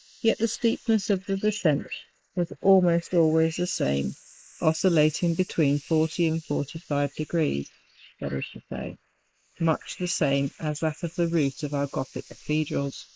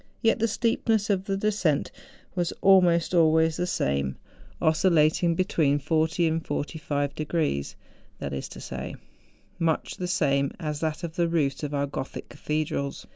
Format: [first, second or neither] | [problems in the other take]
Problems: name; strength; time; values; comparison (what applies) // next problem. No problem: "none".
second | noise reduction (neural mask model Resemble Enhance denoiser)